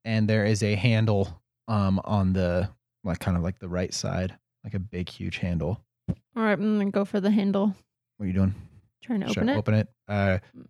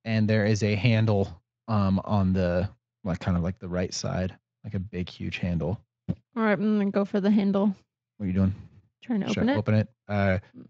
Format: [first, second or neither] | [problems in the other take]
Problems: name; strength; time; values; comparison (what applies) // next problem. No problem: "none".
first | garbled, watery; slightly